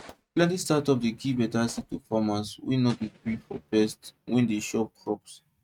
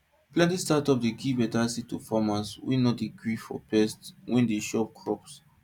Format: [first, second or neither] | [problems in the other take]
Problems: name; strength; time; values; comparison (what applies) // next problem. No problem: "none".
second | noise reduction (neural mask model RNNoise)